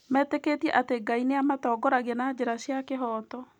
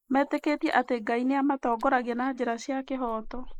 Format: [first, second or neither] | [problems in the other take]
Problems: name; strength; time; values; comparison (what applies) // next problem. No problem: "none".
first | noise reduction (neural mask model Resemble Enhance denoiser)